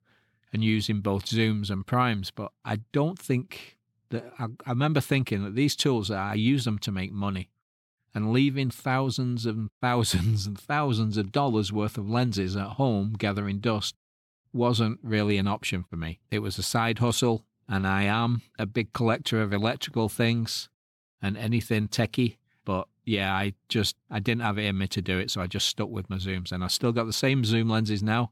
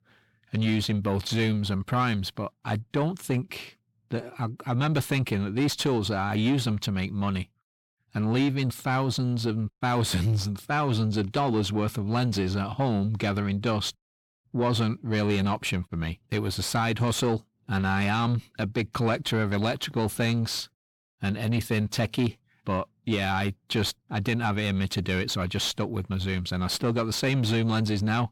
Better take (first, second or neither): first